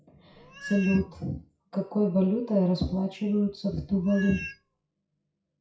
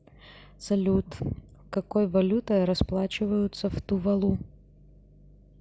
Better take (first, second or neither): second